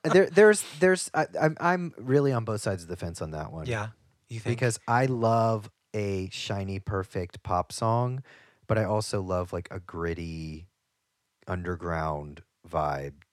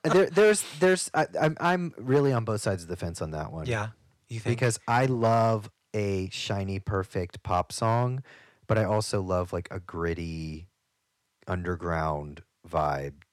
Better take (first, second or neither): first